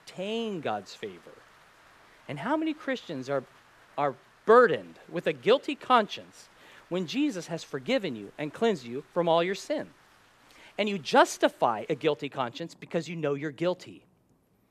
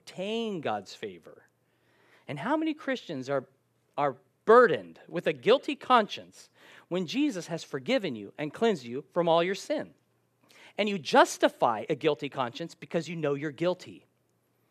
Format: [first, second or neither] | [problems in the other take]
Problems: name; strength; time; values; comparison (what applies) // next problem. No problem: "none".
second | rain or running water; faint; throughout; 30 dB below the speech